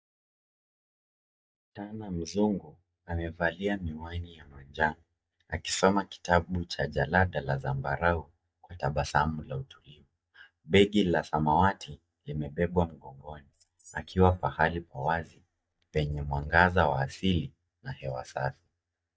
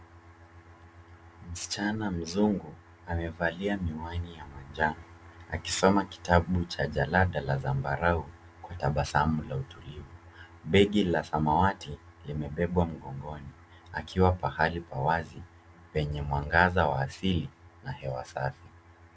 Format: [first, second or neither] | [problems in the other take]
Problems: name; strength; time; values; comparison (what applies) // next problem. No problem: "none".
second | noise reduction (neural mask model DeepFilterNet 3)